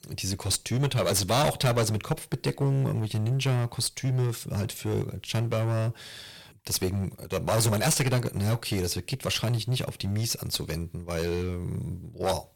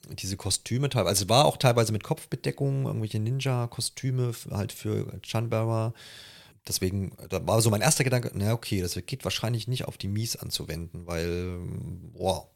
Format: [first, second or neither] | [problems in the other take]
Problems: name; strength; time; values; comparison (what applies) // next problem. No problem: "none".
second | distortion; heavy; 9% of the sound clipped